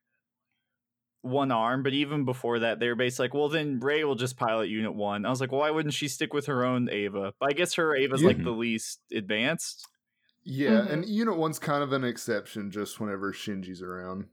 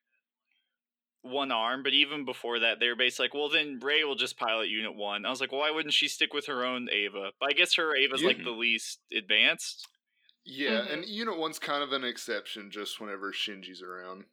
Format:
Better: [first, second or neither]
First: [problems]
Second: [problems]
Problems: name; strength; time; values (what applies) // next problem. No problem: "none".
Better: first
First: none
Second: thin; very slightly; fading below 250 Hz